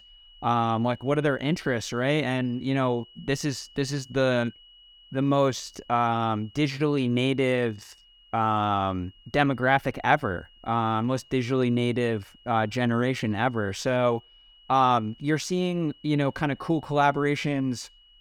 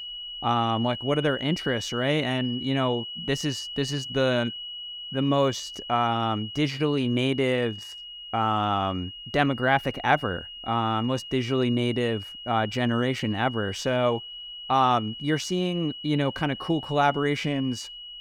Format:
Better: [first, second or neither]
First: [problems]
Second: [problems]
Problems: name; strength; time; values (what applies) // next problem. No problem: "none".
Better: first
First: high-pitched whine; faint; throughout; 3 kHz, 25 dB below the speech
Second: high-pitched whine; loud; throughout; 3 kHz, 10 dB below the speech